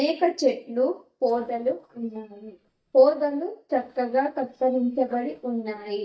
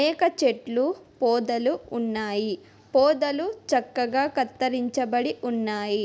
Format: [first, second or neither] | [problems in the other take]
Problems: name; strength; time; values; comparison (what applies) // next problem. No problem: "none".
second | noise reduction (neural mask model DeepFilterNet 3)